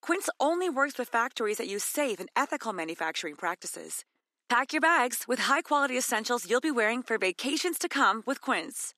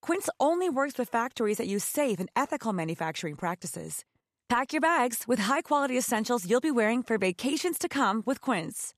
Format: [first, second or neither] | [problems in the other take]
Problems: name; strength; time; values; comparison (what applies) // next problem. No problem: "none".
second | thin; very slightly; fading below 300 Hz